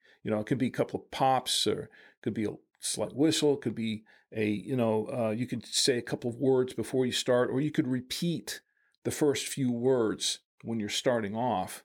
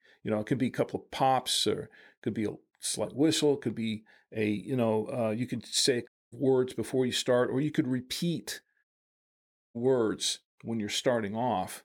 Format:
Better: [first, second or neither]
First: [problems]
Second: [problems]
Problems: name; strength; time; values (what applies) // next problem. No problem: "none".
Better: first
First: none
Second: audio cutting out; at 6 s and at 9 s for 1 s